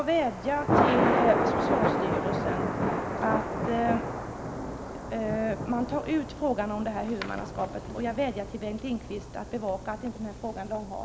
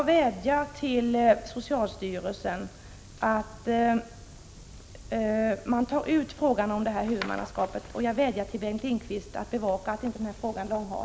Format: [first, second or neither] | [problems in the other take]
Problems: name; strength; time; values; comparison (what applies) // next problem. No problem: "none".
second | background sound (Thunder); 1 dB above the speech